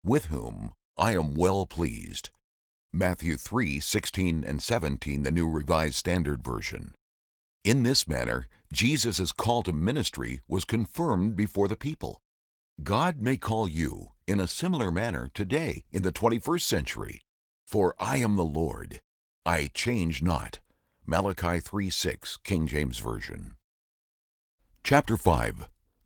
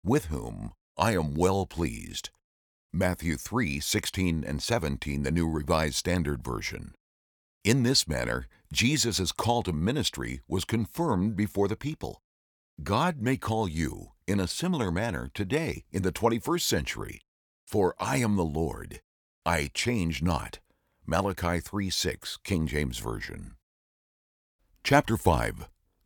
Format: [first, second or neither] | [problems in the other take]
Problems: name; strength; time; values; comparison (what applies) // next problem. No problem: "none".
second | garbled, watery; slightly; nothing above 18.5 kHz